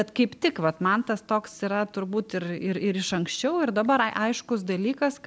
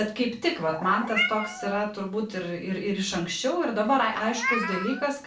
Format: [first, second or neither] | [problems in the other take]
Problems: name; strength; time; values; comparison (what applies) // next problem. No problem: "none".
first | background sound (Meow); 7 dB below the speech // room echo; dies away in 0.3 s